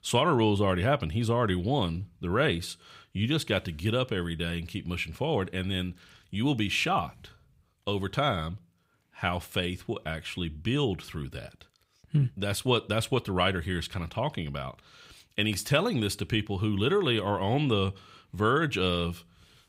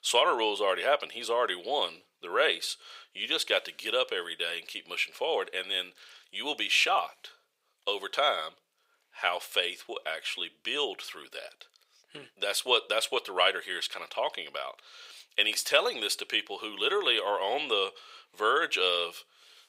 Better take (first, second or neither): first